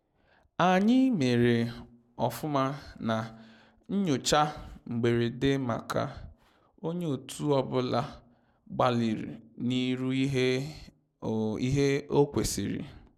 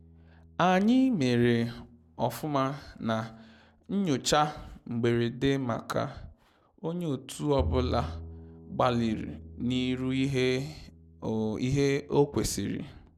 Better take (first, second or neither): first